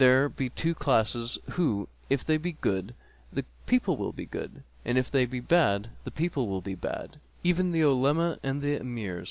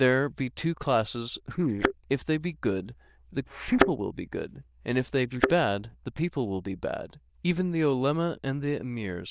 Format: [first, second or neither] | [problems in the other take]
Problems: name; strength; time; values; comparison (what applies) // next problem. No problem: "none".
first | noise reduction (neural diffusion model UNIVERSE++)